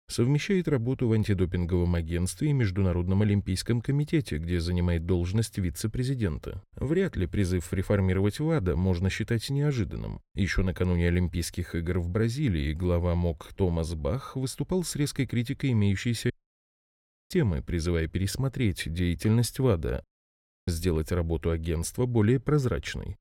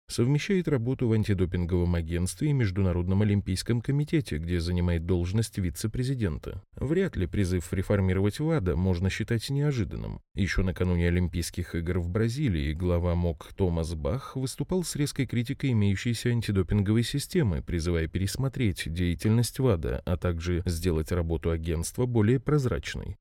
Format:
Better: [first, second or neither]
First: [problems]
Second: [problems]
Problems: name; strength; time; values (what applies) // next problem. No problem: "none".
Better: second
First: audio cutting out; at 16 s for 1 s and at 20 s for 0.5 s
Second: none